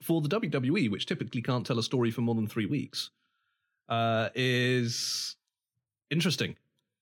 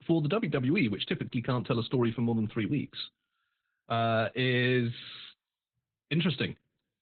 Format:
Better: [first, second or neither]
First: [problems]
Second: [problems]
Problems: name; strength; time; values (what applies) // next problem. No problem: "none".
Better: first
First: none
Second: garbled, watery; badly; nothing above 4 kHz